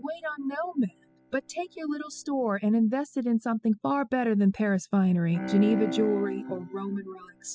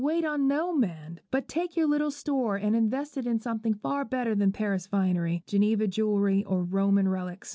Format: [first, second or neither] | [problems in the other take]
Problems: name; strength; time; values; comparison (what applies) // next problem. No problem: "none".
second | noise reduction (classical method spectral subtraction)